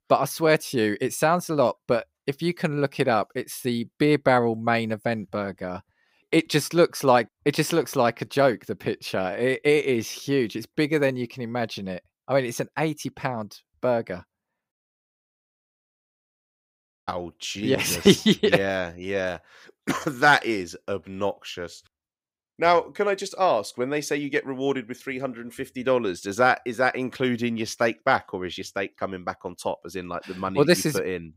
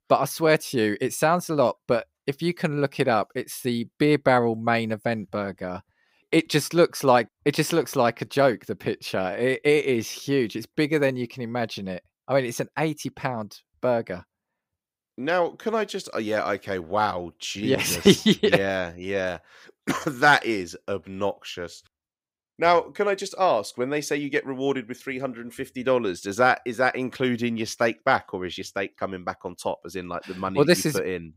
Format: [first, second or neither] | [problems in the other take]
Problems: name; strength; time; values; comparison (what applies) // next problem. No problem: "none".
second | audio cutting out; at 15 s for 2.5 s